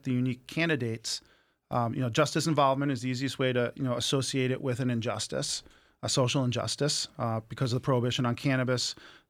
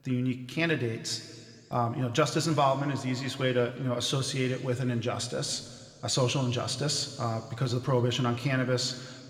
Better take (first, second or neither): first